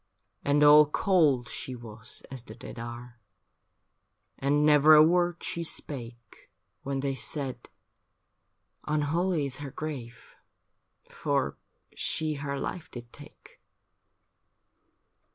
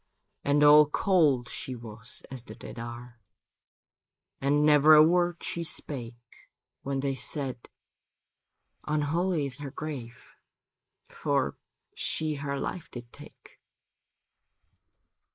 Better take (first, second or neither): first